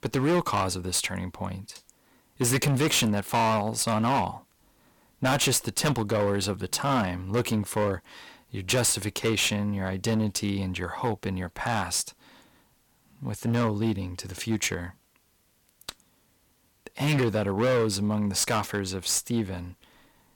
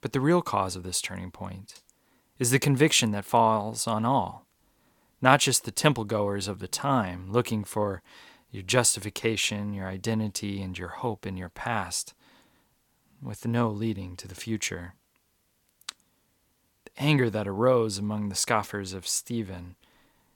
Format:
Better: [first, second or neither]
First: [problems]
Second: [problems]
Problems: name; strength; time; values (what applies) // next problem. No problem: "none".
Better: second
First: distortion; heavy; 10% of the sound clipped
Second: none